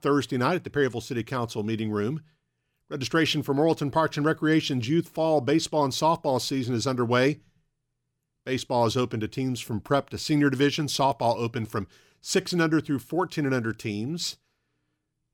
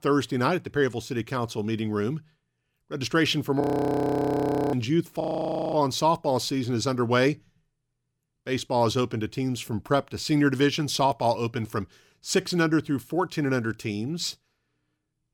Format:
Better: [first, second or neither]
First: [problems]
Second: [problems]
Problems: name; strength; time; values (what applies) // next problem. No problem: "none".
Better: first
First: none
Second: audio freezing; at 3.5 s for 1 s and at 5 s for 0.5 s